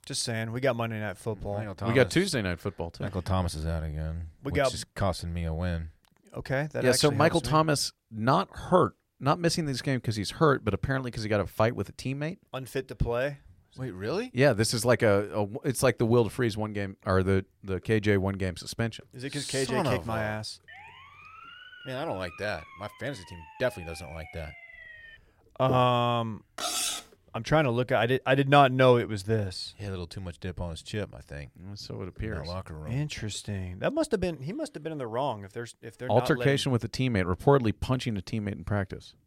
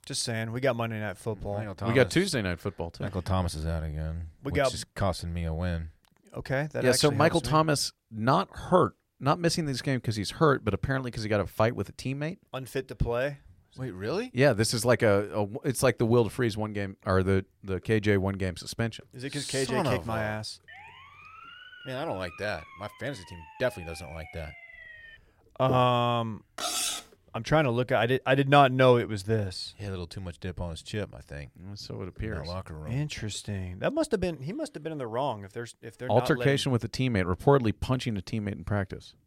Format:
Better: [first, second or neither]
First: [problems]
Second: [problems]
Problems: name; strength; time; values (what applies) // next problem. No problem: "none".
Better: neither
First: siren; faint; from 21 to 25 s; peak 15 dB below the speech // clattering dishes; noticeable; at 27 s; peak level with the speech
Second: siren; faint; from 21 to 25 s; peak 15 dB below the speech // clattering dishes; noticeable; at 27 s; peak level with the speech